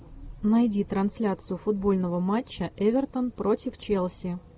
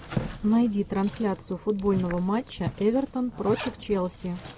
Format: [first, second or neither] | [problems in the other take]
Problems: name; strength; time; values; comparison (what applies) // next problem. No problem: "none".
first | background sound (Zipper (clothing)); 11 dB below the speech